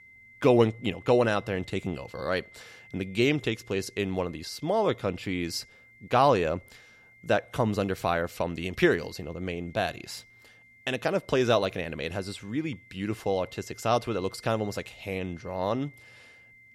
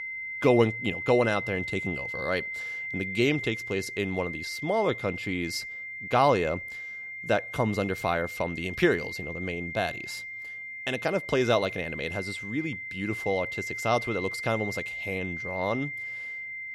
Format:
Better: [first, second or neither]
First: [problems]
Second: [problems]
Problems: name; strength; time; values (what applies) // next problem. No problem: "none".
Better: first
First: high-pitched whine; faint; throughout; 2 kHz, 25 dB below the speech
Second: high-pitched whine; loud; throughout; 2 kHz, 6 dB below the speech